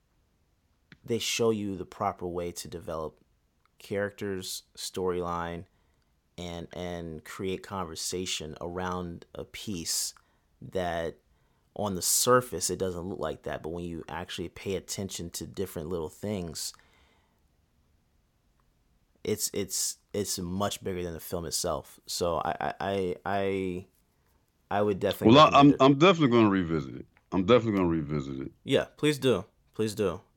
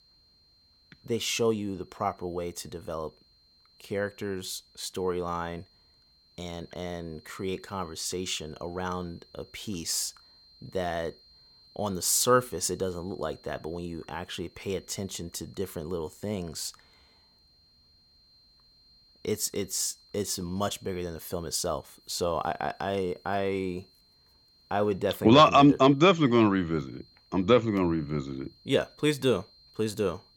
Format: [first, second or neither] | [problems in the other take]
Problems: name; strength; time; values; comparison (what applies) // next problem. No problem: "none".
first | high-pitched whine; faint; throughout; 4 kHz, 30 dB below the speech